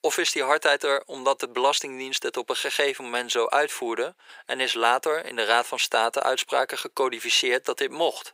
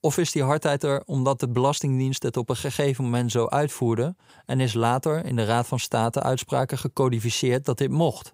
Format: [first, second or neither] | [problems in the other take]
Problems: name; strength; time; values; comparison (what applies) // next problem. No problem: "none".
second | thin; very; fading below 400 Hz